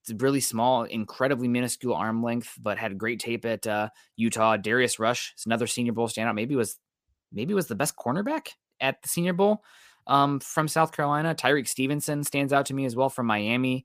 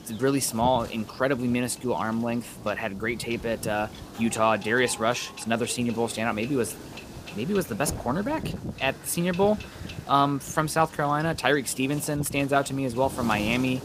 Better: first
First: none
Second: wind noise on the microphone; occasional gusts; 15 dB below the speech

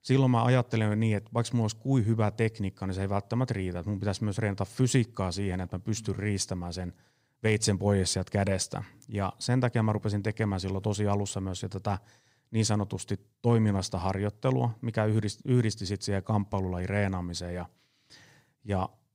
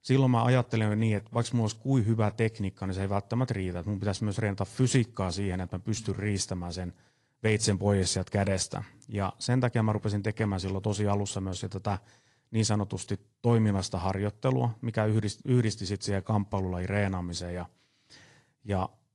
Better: first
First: none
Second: garbled, watery; slightly

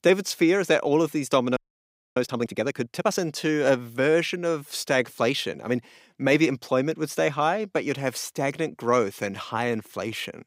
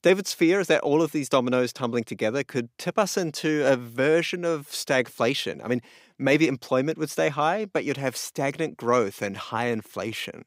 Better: second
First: audio freezing; at 1.5 s for 0.5 s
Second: none

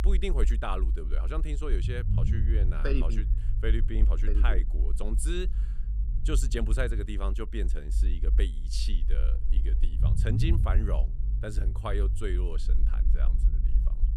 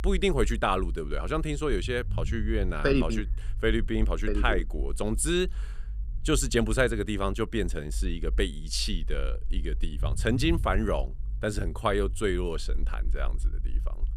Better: second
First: low rumble; loud; throughout; 10 dB below the speech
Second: low rumble; faint; throughout; 25 dB below the speech

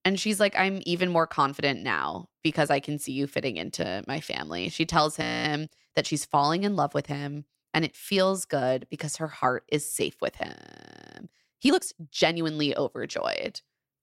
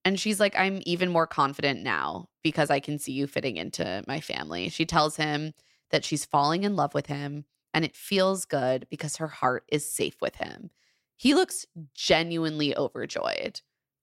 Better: second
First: audio freezing; at 5 s and at 11 s for 0.5 s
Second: none

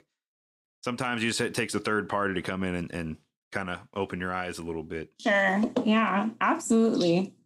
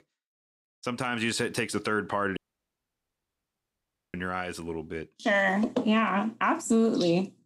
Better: first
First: none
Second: audio cutting out; at 2.5 s for 2 s

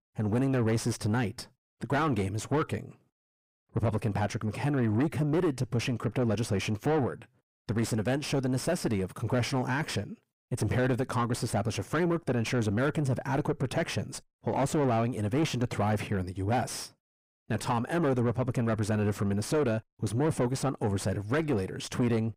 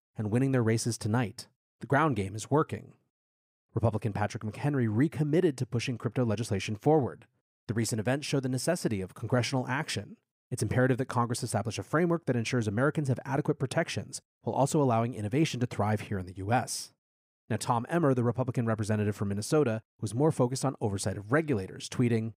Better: second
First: distortion; heavy; 7 dB below the speech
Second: none

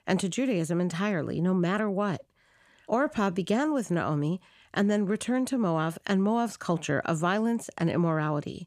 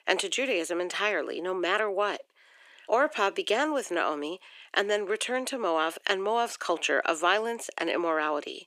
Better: first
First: none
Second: thin; very; fading below 350 Hz

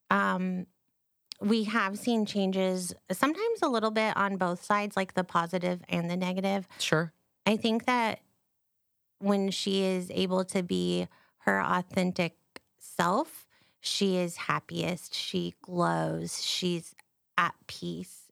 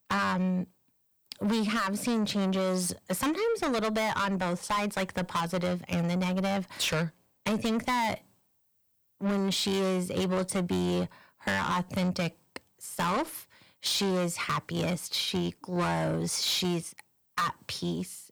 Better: first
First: none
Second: distortion; heavy; 5 dB below the speech

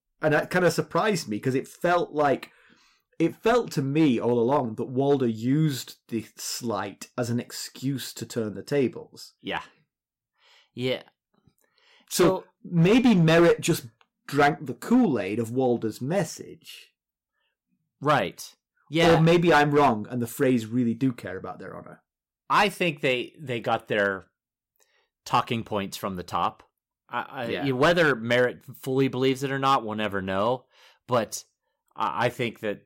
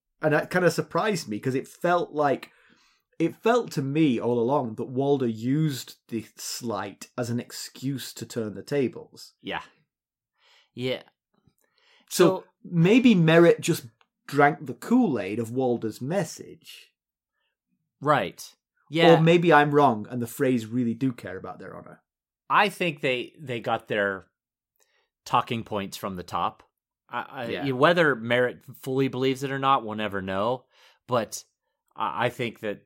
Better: second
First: distortion; slight; 2% of the sound clipped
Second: none

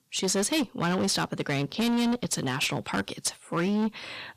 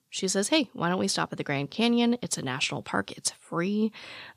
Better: second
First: distortion; heavy; 16% of the sound clipped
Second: none

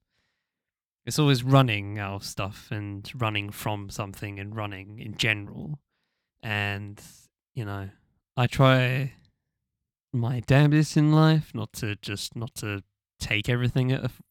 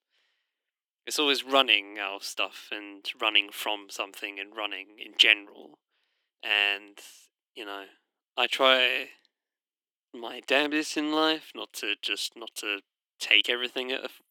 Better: first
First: none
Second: thin; very; fading below 300 Hz

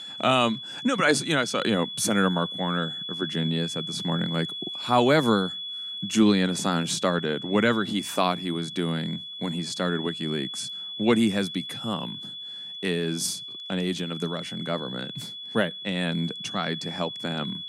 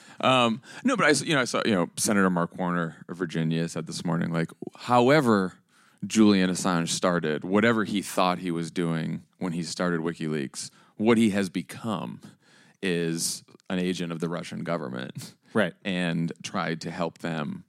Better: second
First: high-pitched whine; loud; throughout; 3.5 kHz, 7 dB below the speech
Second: none

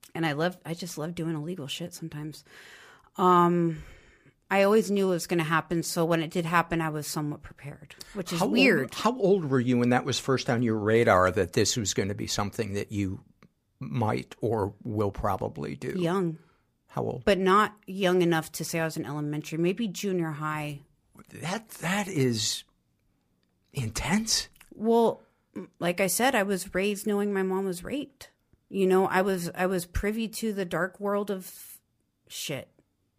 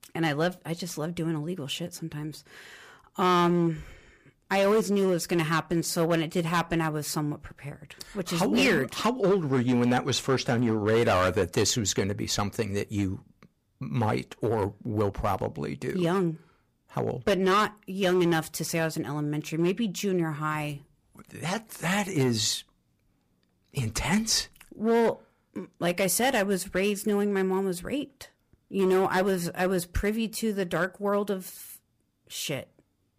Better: first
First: none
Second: distortion; slight; 5% of the sound clipped

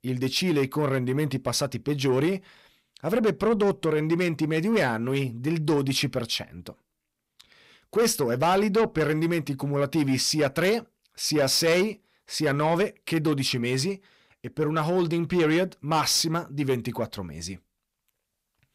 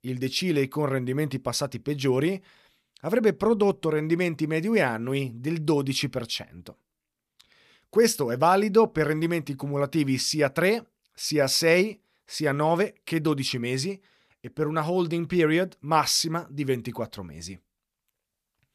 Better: second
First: distortion; slight; 10 dB below the speech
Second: none

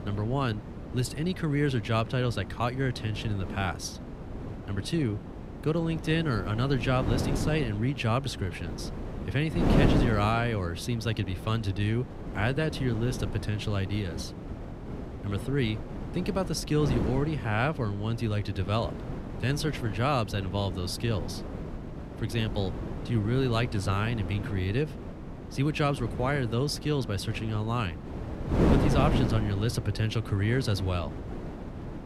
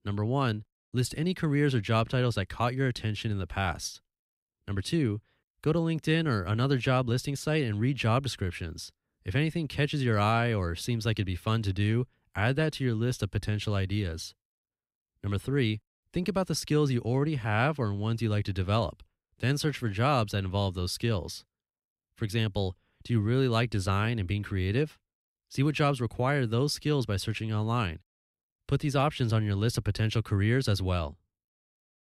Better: second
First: wind noise on the microphone; heavy; 7 dB below the speech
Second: none

